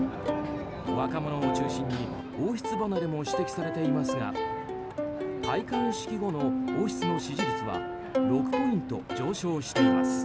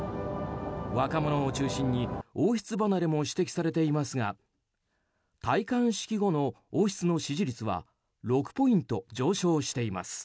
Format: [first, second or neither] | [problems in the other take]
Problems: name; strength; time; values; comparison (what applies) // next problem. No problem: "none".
second | background sound (Plucked string instrument); 2 dB above the speech